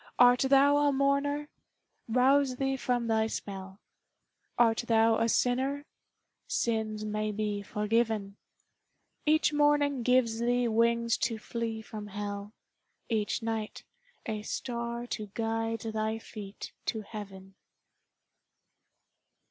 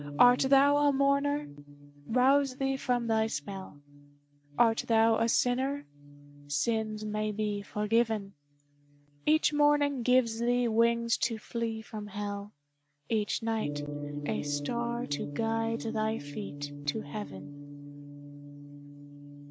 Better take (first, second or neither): first